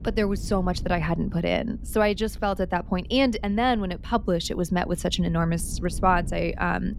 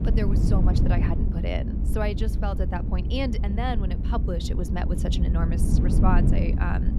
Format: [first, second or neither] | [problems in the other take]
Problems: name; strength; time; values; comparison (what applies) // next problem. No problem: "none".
first | low rumble; loud; throughout; 4 dB below the speech; faint in the first